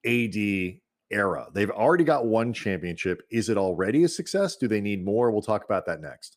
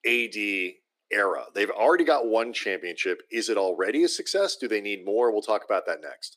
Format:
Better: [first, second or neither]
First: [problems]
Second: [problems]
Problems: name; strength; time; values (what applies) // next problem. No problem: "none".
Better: first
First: none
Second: thin; somewhat; fading below 300 Hz